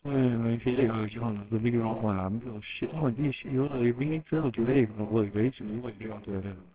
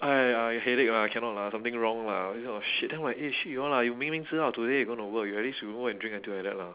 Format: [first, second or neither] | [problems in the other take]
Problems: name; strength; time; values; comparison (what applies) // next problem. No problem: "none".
second | noise reduction (neural separator model SepFormer WHAMR!)